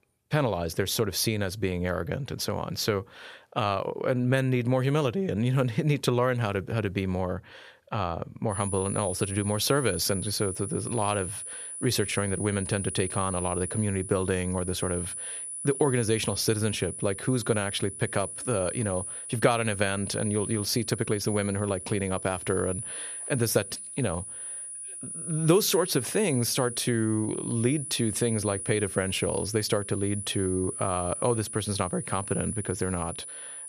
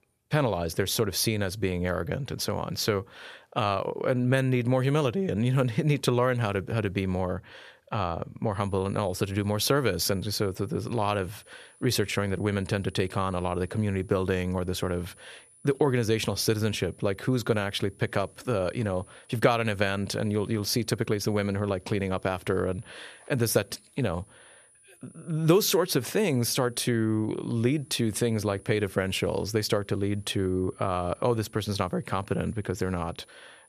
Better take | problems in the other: second | high-pitched whine; loud; from 8.5 s on; 10 kHz, 7 dB below the speech; faint in the second

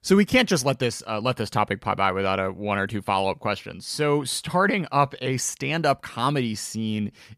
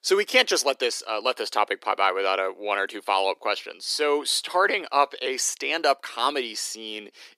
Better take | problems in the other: first | thin; very; fading below 350 Hz

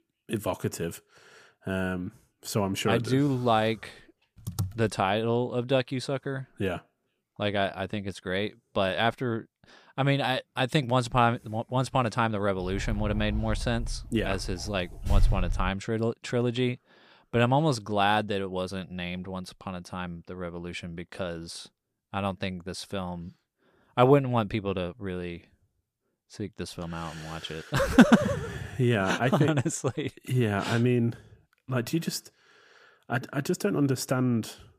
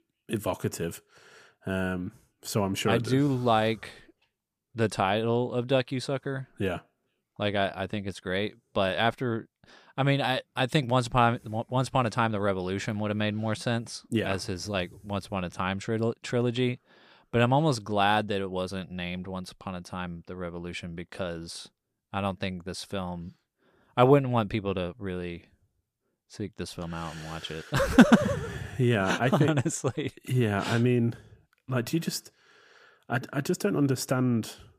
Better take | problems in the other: second | keyboard typing; noticeable; at 4.5 s; peak 6 dB below the speech // door banging; loud; from 13 to 16 s; peak 1 dB above the speech

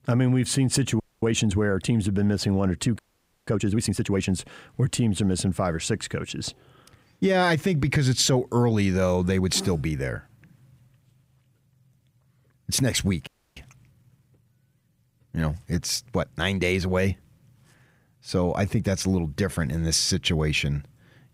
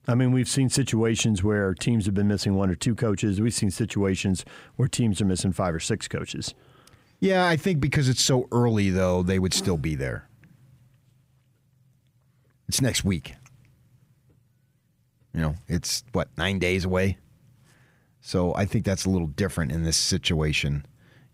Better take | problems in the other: second | audio freezing; at 1 s, at 3 s and at 13 s

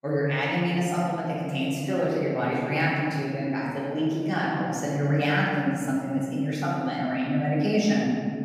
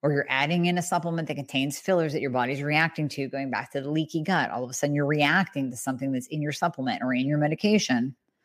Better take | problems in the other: second | room echo; strong; dies away in 2.6 s // off-mic speech; far

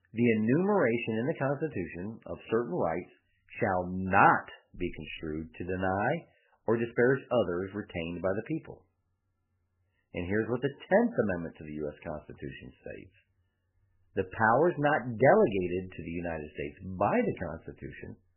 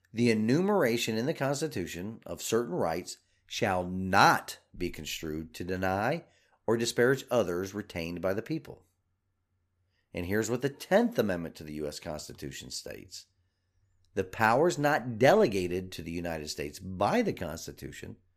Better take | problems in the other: second | garbled, watery; badly; nothing above 3 kHz

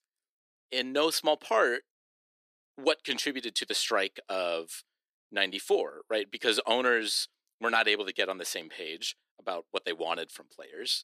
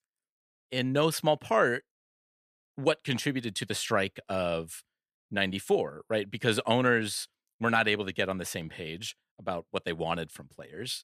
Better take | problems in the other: second | thin; somewhat; fading below 300 Hz

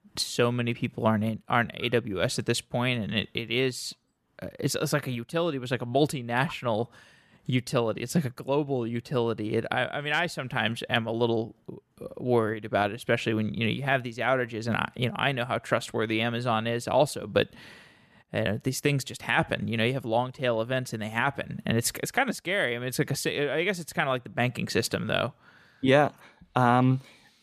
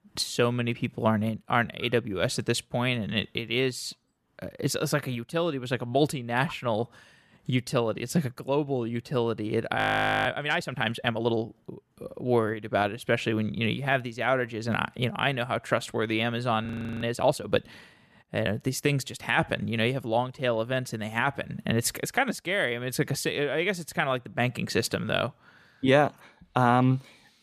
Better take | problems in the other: first | audio freezing; at 10 s and at 17 s

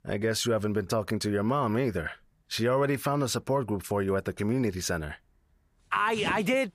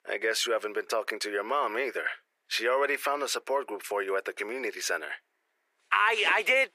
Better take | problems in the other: first | thin; very; fading below 350 Hz

